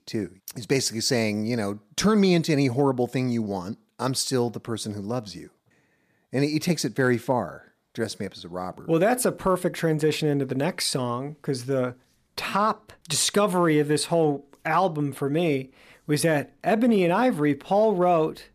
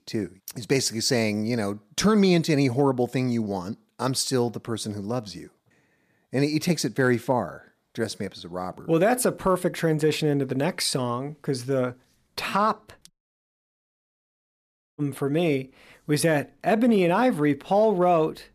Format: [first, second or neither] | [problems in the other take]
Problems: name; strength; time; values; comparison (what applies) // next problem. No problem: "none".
first | audio cutting out; at 13 s for 2 s